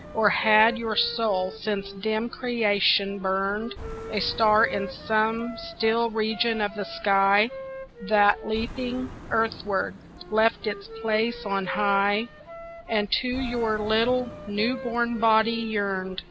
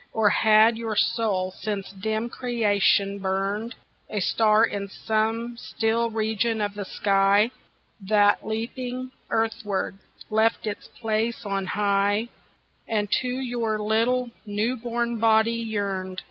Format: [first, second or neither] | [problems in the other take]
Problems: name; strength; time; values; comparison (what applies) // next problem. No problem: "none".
second | background sound (Wind instrument, woodwind instrument + Car passing by); 14 dB below the speech